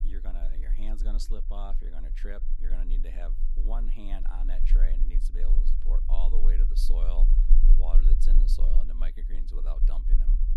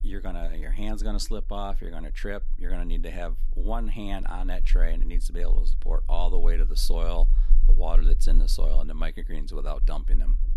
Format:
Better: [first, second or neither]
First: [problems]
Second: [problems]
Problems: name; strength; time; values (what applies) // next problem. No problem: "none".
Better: second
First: low rumble; loud; throughout; 8 dB below the speech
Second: low rumble; faint; throughout; 20 dB below the speech